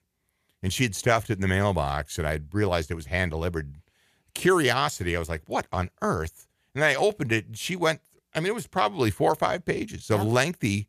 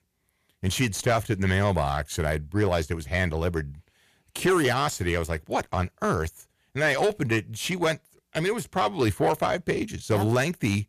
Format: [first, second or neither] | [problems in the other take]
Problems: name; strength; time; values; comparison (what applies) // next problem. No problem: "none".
first | distortion; slight; 10 dB below the speech